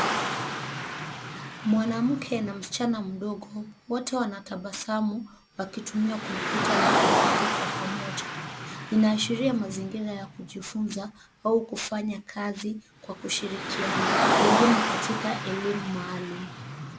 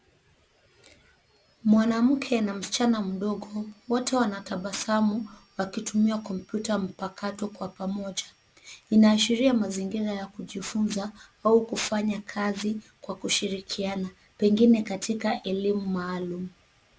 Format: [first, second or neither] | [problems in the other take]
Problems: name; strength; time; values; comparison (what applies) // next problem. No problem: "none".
second | background sound (Car); as loud as the speech